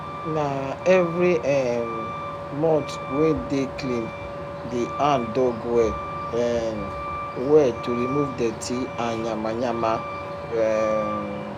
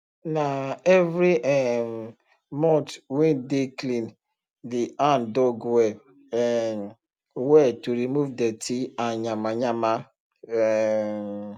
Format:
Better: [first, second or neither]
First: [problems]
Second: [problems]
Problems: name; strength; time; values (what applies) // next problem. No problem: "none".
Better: second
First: background sound (Truck); 8 dB below the speech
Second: none